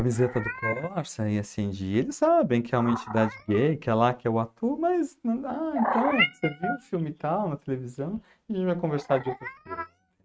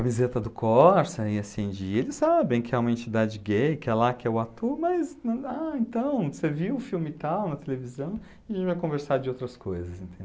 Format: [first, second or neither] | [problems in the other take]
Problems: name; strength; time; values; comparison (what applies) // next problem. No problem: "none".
second | noise reduction (neural mask model RNNoise)